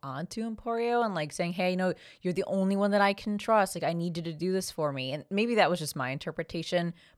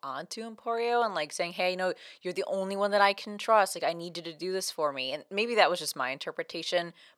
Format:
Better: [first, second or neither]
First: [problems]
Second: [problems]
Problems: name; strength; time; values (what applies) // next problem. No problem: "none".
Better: first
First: none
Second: thin; somewhat; fading below 400 Hz